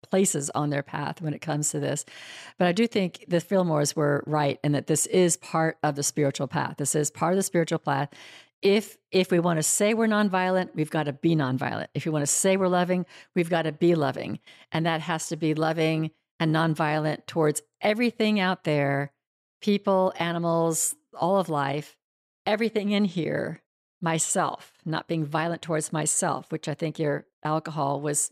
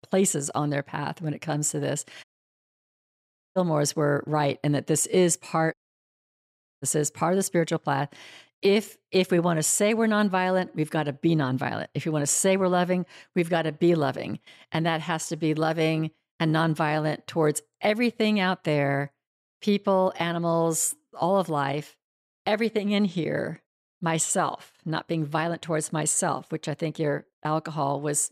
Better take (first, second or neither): first